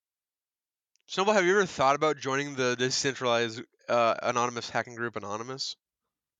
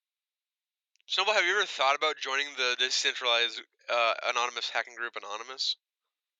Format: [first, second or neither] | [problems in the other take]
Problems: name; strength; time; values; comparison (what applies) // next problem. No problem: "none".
first | thin; very; fading below 450 Hz